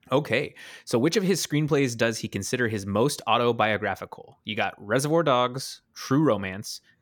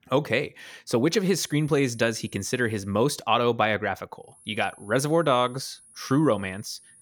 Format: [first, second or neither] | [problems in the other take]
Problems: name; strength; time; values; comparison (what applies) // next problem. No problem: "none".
first | high-pitched whine; faint; from 1 to 3 s and from 4.5 s on; 10.5 kHz, 25 dB below the speech